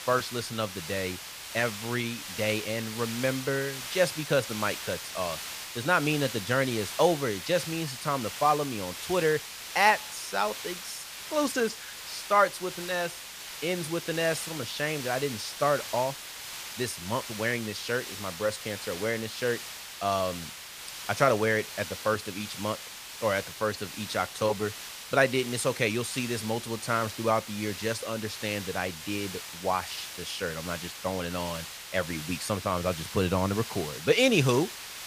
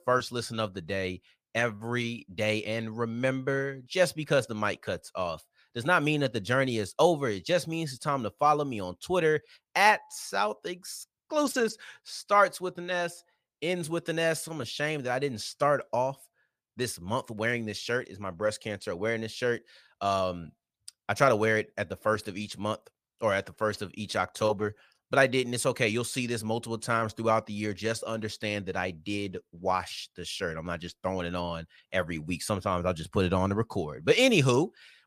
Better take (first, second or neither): second